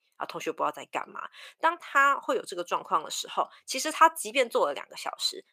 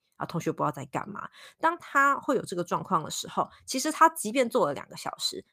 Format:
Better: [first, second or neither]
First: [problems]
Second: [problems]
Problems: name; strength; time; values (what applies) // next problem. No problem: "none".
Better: second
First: thin; somewhat; fading below 500 Hz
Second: none